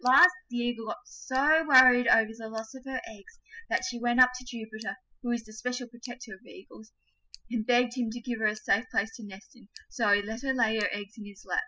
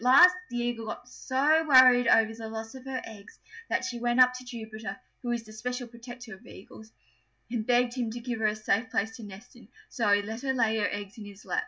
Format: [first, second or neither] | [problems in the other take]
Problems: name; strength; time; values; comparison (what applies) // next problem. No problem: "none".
second | noise reduction (classical method spectral subtraction)